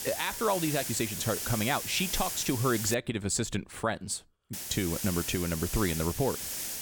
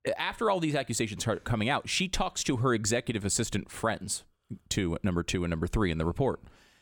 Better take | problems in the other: second | hiss; loud; until 3 s and from 4.5 s on; 4 dB below the speech

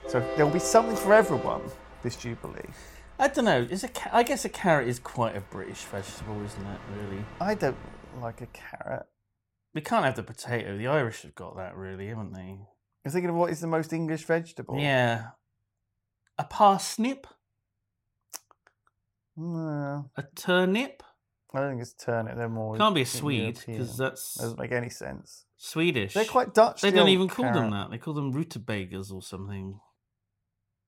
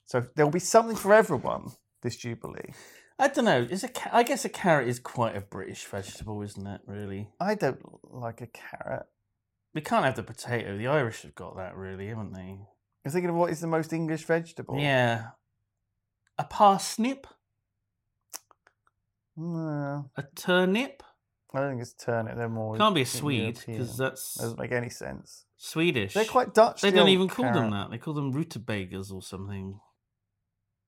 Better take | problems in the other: second | train or aircraft noise; very faint; until 8.5 s; 10 dB below the speech

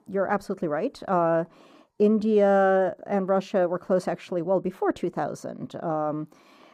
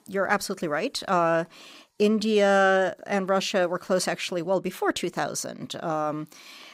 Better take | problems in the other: second | muffled; very; fading above 1.5 kHz

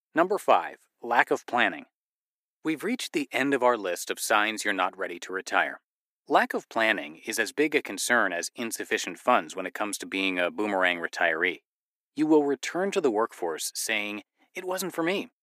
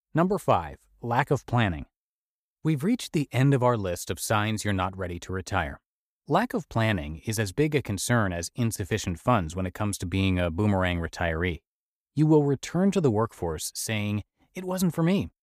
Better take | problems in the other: second | thin; somewhat; fading below 300 Hz

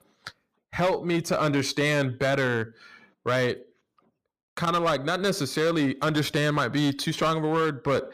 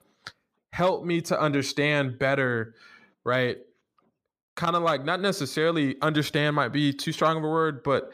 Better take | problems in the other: second | distortion; slight; 10% of the sound clipped

